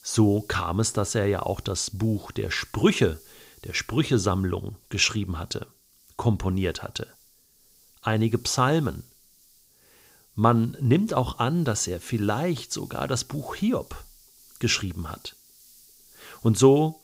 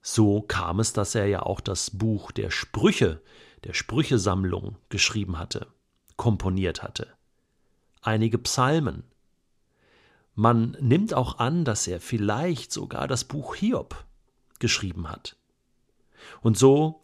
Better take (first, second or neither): second